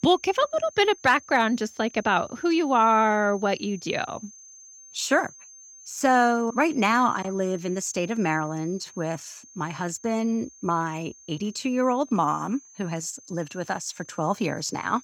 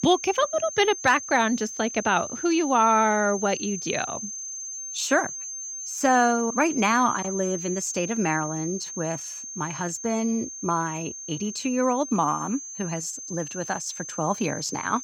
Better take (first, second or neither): first